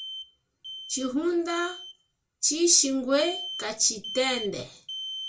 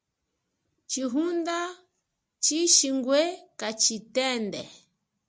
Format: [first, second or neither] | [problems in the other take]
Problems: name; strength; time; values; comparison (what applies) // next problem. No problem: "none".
second | background sound (Alarm); 12 dB below the speech // room echo; dies away in 0.2 s